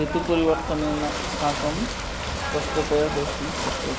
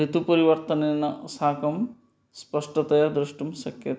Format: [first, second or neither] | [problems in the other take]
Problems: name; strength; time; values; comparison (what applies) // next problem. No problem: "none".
second | background sound (Ocean / Boat, Water vehicle); 2 dB below the speech